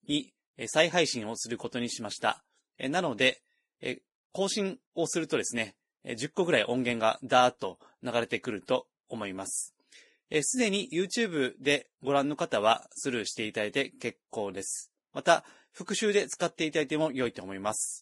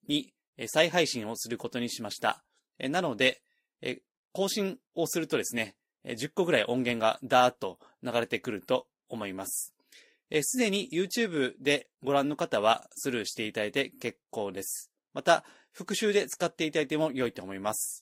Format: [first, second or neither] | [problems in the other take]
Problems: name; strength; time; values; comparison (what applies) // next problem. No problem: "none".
second | garbled, watery; badly; nothing above 10.5 kHz; slightly in the second